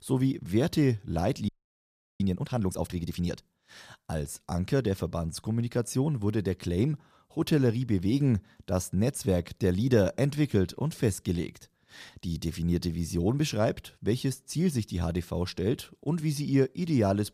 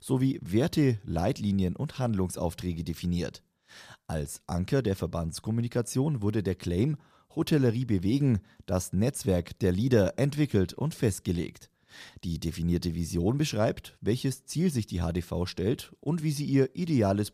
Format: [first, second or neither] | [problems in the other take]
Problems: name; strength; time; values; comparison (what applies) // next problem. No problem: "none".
second | audio freezing; at 1.5 s for 0.5 s